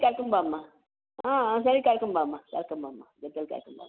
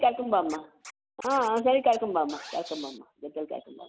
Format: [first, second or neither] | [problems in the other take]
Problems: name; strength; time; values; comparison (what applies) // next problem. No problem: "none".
first | background sound (Scratching (performance technique)); 19 dB below the speech